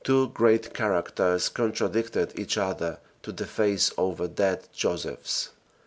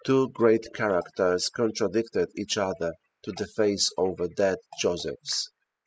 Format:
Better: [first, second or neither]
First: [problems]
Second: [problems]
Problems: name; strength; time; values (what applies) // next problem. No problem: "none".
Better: first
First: none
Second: noise reduction (classical method spectral subtraction)